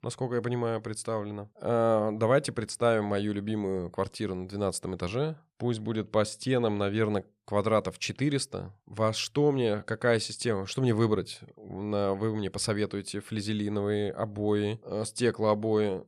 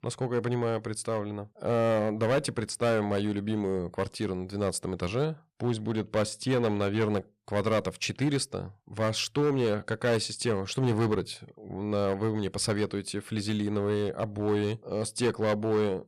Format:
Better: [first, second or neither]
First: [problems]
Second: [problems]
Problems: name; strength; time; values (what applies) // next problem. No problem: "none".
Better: first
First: none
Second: distortion; slight; 6% of the sound clipped